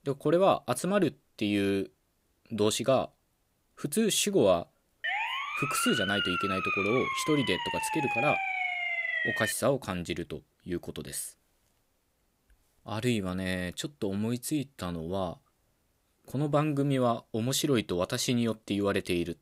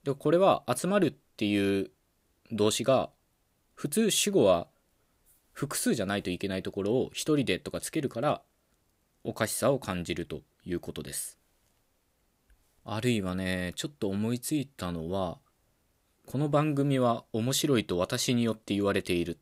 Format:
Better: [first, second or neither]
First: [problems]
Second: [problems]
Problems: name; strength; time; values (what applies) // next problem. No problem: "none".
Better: second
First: siren; loud; from 5 to 9.5 s; peak 1 dB above the speech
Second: none